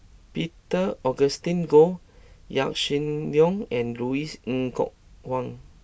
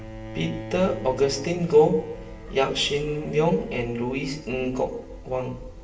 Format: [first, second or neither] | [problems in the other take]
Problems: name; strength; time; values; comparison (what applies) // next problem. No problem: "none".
first | background sound (Bowed string instrument); 15 dB below the speech // room echo; dies away in 0.8 s